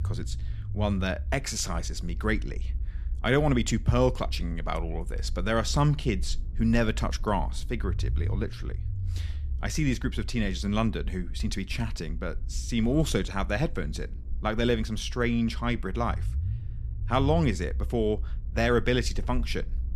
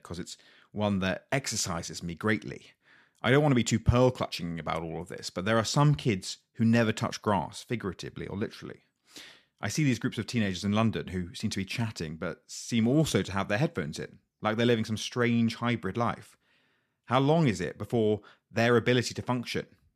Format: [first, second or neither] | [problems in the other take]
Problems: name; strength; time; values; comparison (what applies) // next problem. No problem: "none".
second | low rumble; faint; throughout; 20 dB below the speech